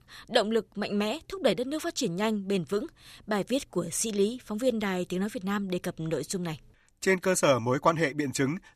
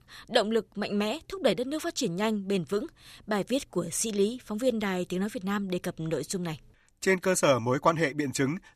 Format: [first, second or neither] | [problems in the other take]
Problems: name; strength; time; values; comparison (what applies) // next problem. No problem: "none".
neither | none